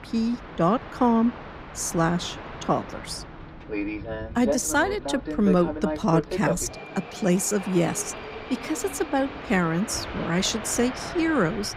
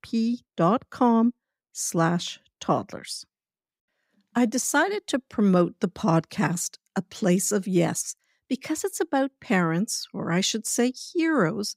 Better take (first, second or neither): second